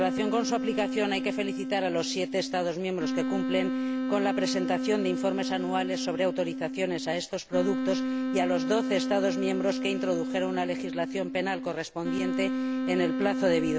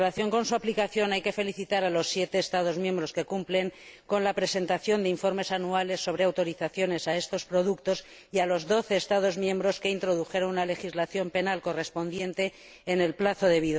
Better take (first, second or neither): second